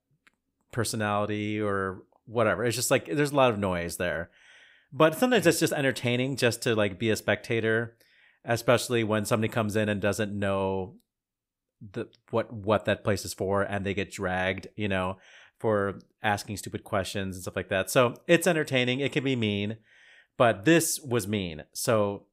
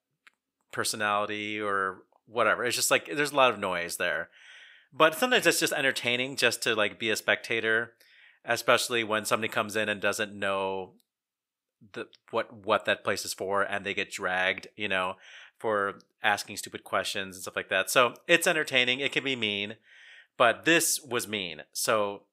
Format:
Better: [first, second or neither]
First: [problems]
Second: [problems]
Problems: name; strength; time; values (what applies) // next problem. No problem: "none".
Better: first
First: none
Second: thin; somewhat; fading below 650 Hz